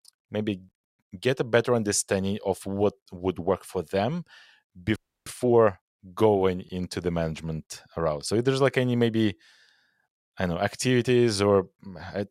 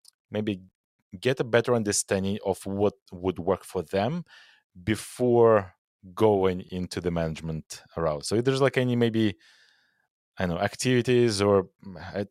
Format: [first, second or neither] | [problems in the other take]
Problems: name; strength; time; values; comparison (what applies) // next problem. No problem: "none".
second | audio freezing; at 5 s